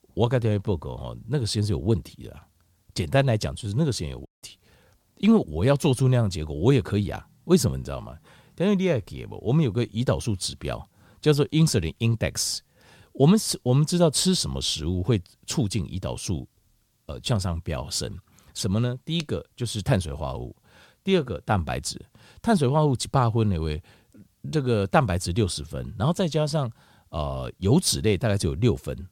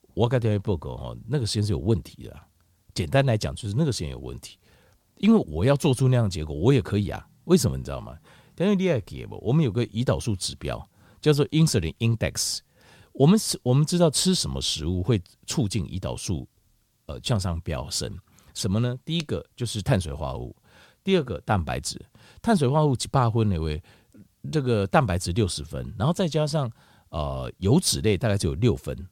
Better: second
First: audio cutting out; at 4.5 s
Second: none

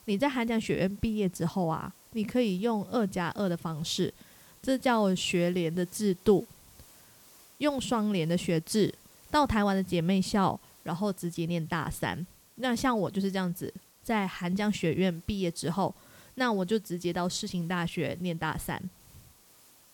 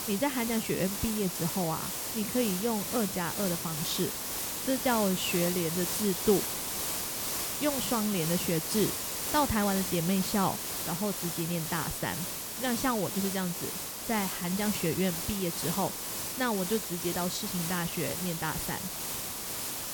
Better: first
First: hiss; faint; throughout; 25 dB below the speech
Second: hiss; loud; throughout; 1 dB below the speech

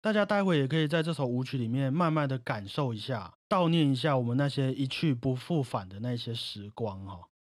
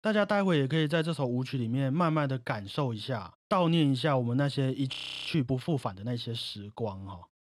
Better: first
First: none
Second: audio freezing; at 5 s

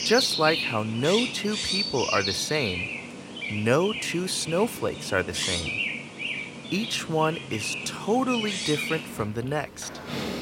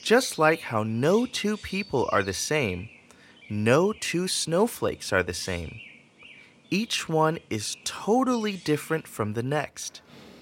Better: second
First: animal sounds; loud; throughout; 3 dB below the speech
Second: animal sounds; faint; throughout; 20 dB below the speech

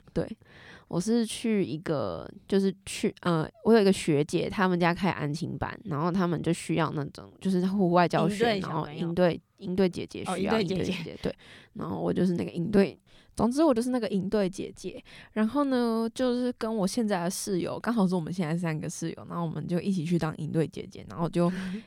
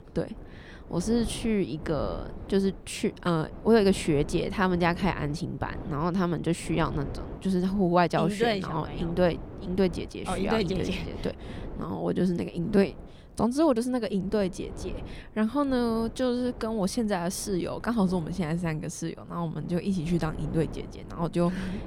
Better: first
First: none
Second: wind noise on the microphone; occasional gusts; 15 dB below the speech

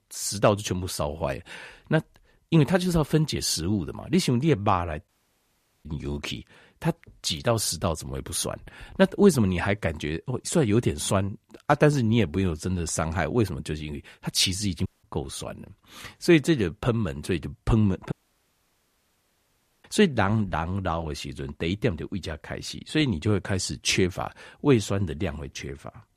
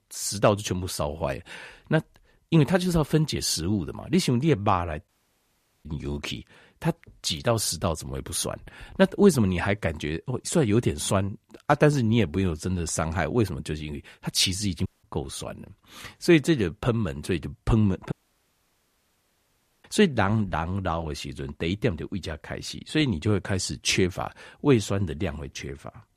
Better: neither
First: audio cutting out; at 5 s for 1 s, at 15 s and at 18 s for 1.5 s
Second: audio cutting out; at 5 s for 1 s, at 15 s and at 18 s for 1.5 s

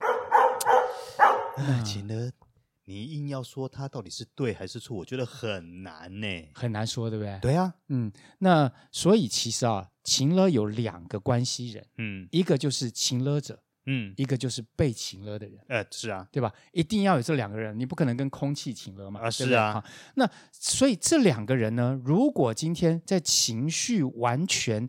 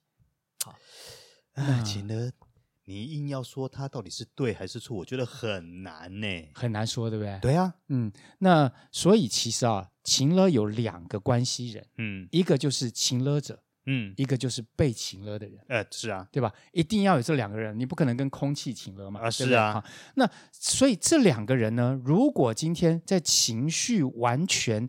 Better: second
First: dog barking; loud; until 1.5 s; peak 6 dB above the speech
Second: none

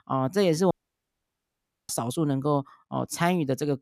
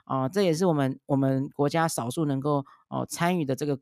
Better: second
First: audio cutting out; at 0.5 s for 1 s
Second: none

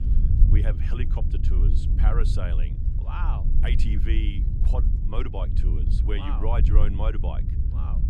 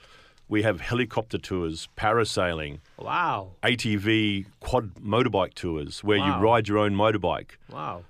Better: second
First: wind noise on the microphone; heavy; 5 dB below the speech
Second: none

